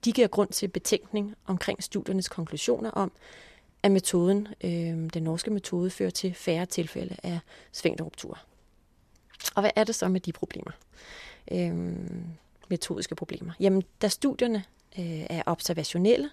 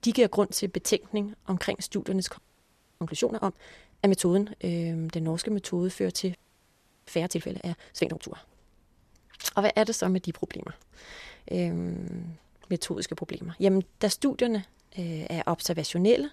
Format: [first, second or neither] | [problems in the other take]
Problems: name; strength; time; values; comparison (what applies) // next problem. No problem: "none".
first | audio freezing; at 2.5 s for 0.5 s and at 6.5 s for 0.5 s